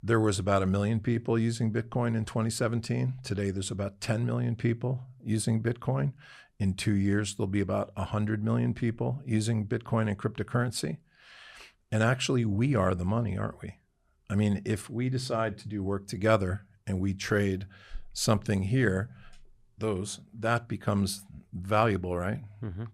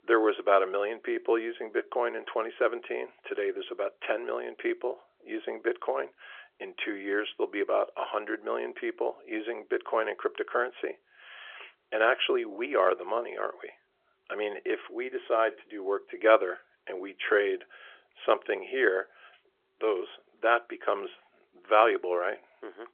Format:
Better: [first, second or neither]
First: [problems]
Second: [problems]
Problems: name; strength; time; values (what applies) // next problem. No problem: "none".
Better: first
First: none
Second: phone-call audio; nothing above 3.5 kHz